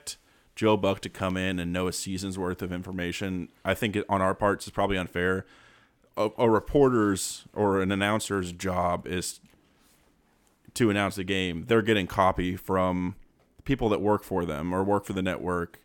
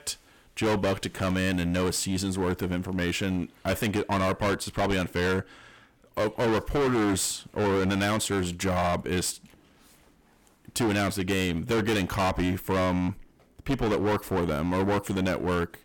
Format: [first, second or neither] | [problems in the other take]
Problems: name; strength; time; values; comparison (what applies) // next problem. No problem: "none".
first | distortion; heavy; 19% of the sound clipped